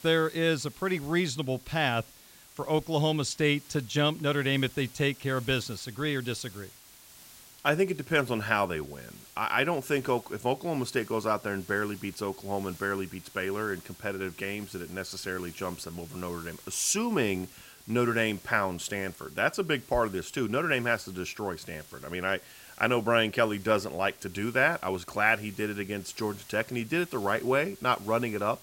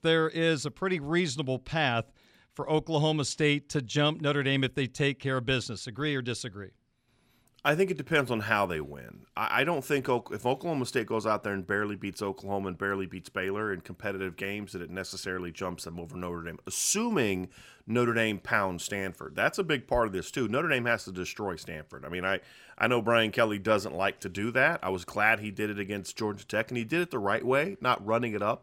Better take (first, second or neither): second